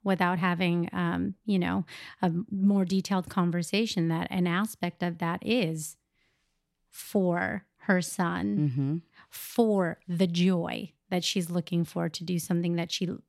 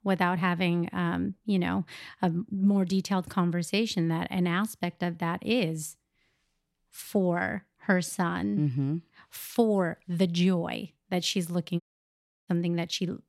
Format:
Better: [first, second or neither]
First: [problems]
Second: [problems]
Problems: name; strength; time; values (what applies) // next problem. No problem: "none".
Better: first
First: none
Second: audio cutting out; at 12 s for 0.5 s